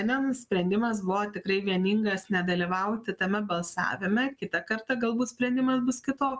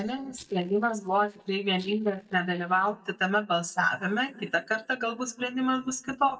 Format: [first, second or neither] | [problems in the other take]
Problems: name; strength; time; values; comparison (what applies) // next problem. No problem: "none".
first | noise reduction (neural mask model DeepFilterNet 3)